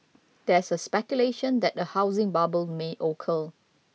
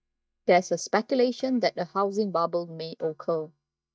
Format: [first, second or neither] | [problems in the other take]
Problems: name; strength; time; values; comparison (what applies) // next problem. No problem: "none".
first | noise reduction (neural mask model DeepFilterNet 3)